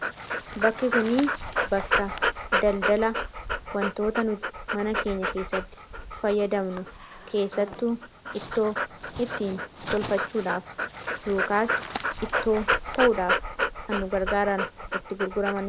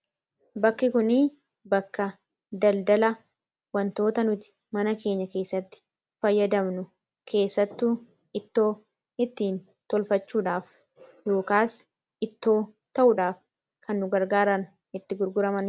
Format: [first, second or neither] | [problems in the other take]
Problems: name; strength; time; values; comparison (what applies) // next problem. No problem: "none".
second | background sound (Dog); 3 dB below the speech